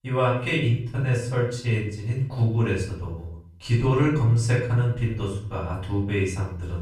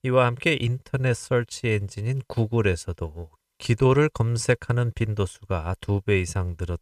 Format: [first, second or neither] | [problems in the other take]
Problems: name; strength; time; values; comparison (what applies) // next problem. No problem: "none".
second | room echo; noticeable; dies away in 0.6 s // off-mic speech; far